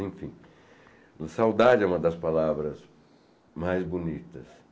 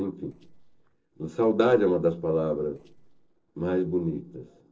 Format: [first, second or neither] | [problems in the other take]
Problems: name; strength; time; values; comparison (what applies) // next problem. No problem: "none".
first | noise reduction (neural separator model SepFormer DNS4)